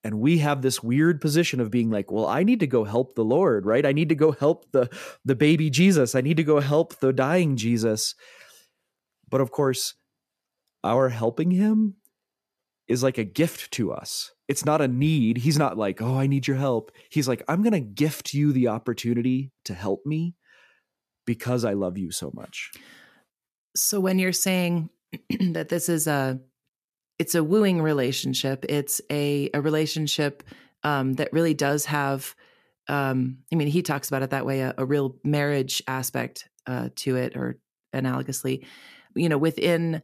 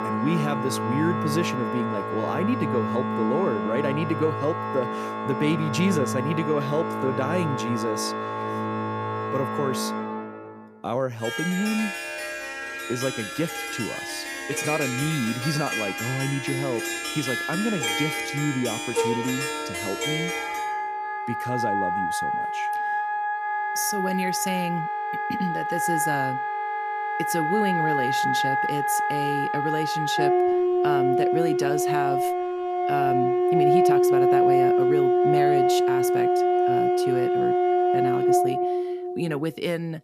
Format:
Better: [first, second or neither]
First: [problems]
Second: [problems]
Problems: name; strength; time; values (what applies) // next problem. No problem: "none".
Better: first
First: none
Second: background music; very loud; throughout; 4 dB above the speech